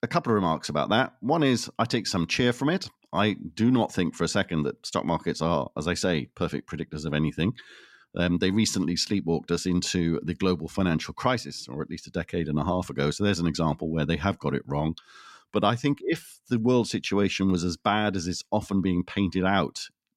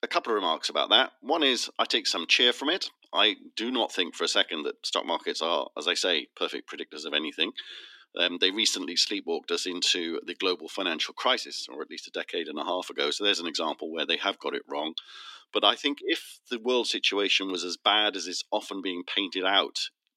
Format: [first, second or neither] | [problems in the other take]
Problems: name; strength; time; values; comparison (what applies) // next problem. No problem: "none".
first | thin; somewhat; fading below 300 Hz